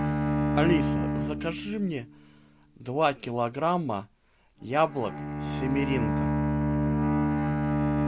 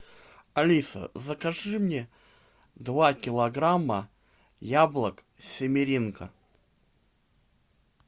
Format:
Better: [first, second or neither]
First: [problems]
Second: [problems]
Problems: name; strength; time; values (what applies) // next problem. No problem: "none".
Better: second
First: background sound (Bowed string instrument); 2 dB above the speech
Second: none